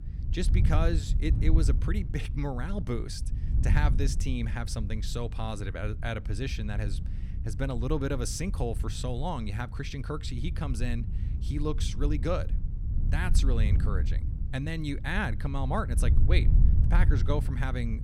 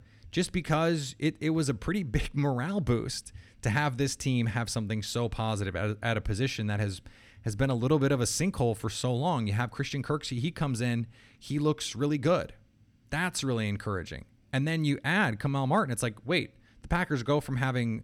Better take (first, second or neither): second